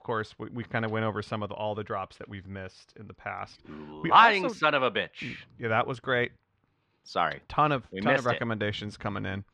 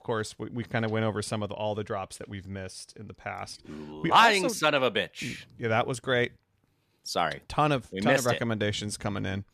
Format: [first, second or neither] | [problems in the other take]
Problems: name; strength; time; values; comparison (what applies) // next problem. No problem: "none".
second | muffled; slightly; fading above 3 kHz